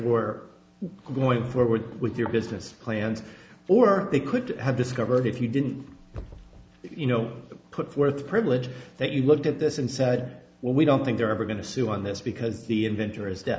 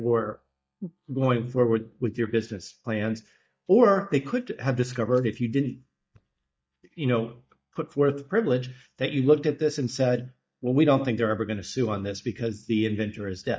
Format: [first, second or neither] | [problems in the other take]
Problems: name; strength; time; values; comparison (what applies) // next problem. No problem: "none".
first | noise reduction (neural mask model DeepFilterNet 3)